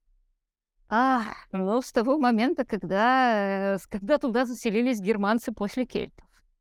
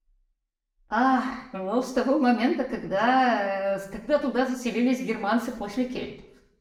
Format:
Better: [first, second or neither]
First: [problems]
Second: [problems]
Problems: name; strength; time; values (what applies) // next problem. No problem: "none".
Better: first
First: none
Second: room echo; slight; dies away in 0.7 s // off-mic speech; somewhat distant